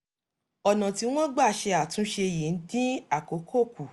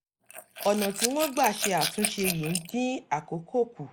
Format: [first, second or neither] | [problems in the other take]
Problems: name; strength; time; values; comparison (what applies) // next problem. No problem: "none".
first | noise reduction (neural mask model Resemble Enhance denoiser)